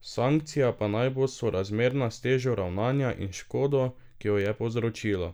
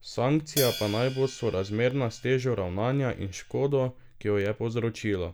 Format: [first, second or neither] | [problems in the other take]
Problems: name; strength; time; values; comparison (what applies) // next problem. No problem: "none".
first | background sound (Hi-hat); 12 dB below the speech